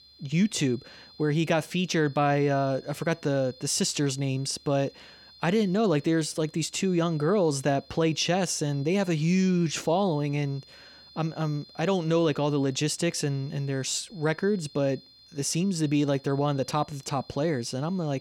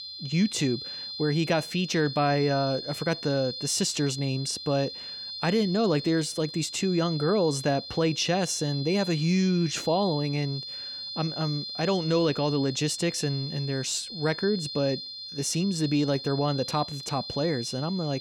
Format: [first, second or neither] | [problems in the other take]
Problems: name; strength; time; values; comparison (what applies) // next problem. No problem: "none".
first | high-pitched whine; loud; throughout; 4 kHz, 8 dB below the speech; faint in the first